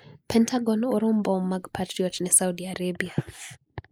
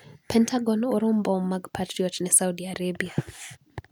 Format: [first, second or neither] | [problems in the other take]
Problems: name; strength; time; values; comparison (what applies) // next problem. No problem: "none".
second | noise reduction (neural mask model Resemble Enhance denoiser)